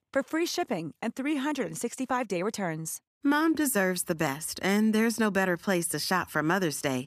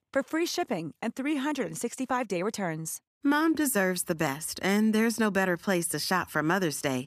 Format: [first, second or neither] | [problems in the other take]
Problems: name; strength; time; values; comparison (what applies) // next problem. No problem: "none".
neither | none